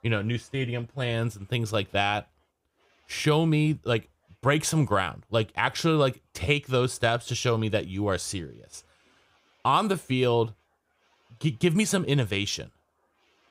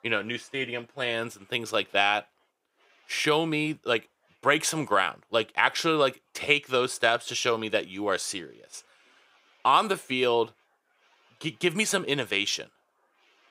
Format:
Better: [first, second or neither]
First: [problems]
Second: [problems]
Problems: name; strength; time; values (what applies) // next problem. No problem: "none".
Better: first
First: none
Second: thin; somewhat; fading below 300 Hz